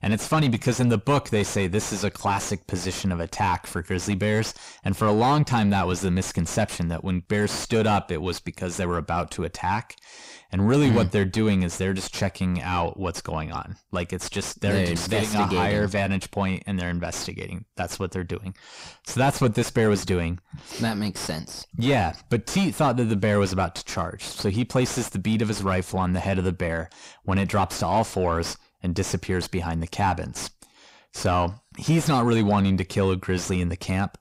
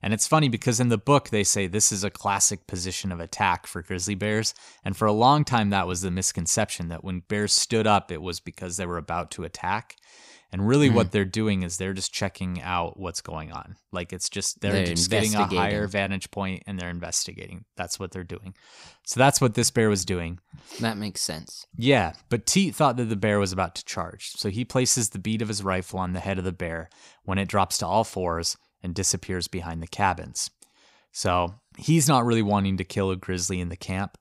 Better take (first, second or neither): second